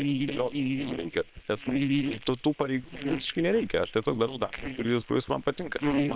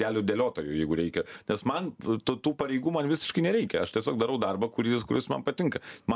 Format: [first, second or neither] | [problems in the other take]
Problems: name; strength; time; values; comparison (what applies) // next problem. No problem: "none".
second | noise reduction (neural separator model SepFormer WHAM!)